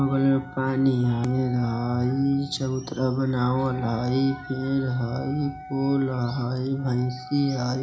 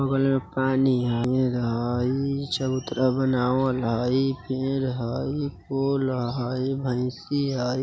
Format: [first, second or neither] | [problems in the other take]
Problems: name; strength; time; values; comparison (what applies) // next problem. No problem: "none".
second | background sound (Wind instrument, woodwind instrument); 18 dB below the speech // room echo; dies away in 0.4 s